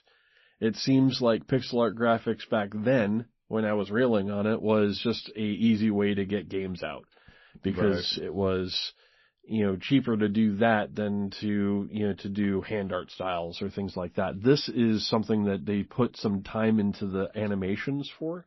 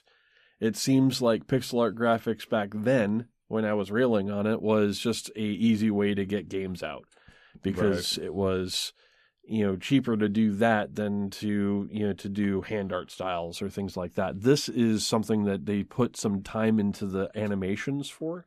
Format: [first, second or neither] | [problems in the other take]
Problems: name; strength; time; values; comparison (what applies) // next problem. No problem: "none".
second | garbled, watery; slightly; nothing above 5.5 kHz